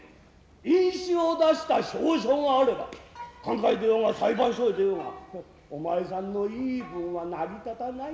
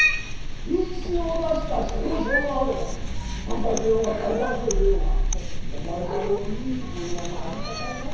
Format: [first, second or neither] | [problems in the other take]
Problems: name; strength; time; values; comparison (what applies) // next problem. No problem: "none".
first | background sound (Cat); 3 dB above the speech // room echo; dies away in 0.7 s